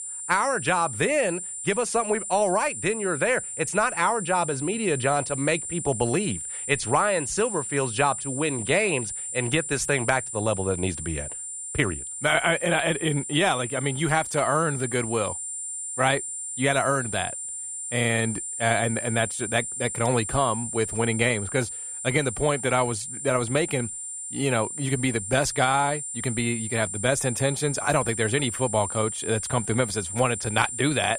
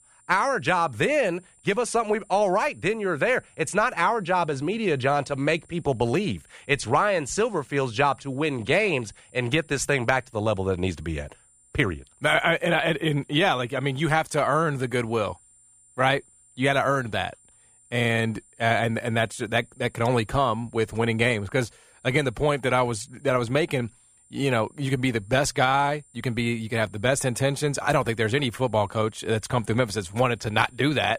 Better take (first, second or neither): second